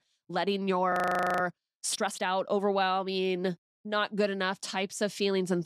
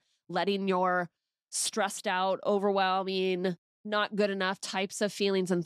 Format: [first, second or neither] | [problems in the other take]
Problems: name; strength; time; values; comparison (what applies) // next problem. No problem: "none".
second | audio freezing; at 1 s